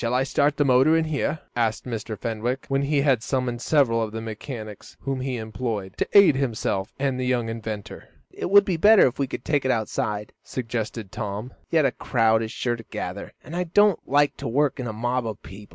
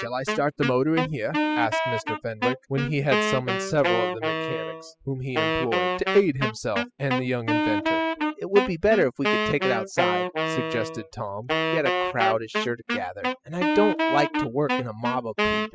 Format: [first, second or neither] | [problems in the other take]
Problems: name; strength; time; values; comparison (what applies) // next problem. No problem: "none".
first | noise reduction (classical method spectral subtraction)